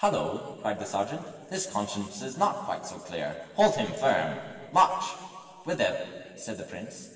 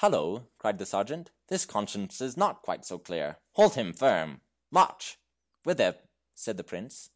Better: second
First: room echo; dies away in 2.6 s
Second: none

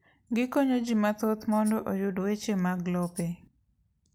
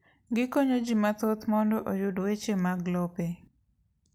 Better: second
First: background sound (Tambourine); 18 dB below the speech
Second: none

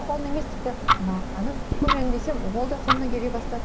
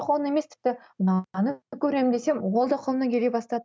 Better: second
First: background sound (Tick-tock); 4 dB above the speech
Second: none

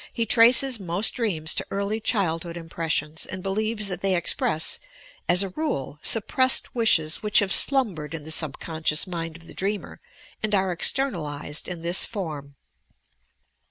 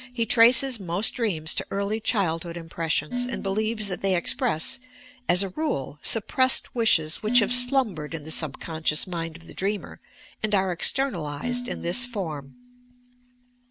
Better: first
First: none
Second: background sound (Dishes, pots, and pans); 12 dB below the speech

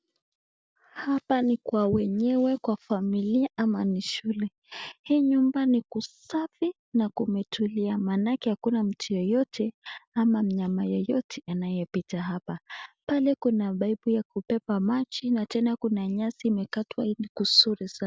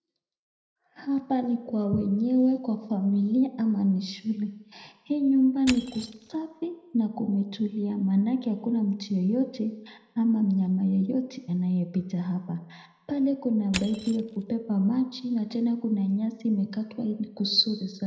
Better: first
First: none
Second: background sound (Crushing); 14 dB below the speech // room echo; dies away in 0.8 s

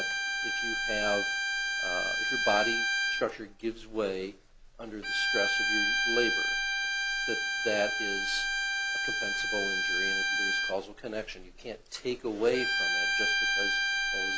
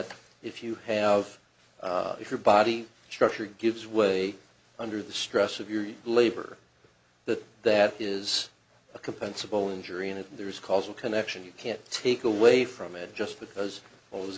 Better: second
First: background sound (Bowed string instrument); 5 dB above the speech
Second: none

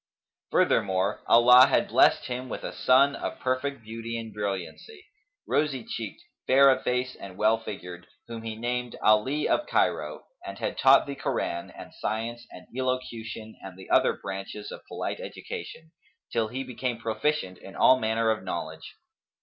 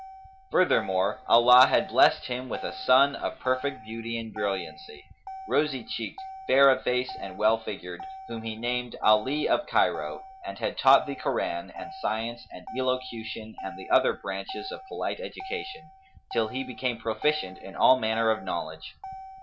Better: first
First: none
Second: background sound (Motor vehicle (road)); 16 dB below the speech

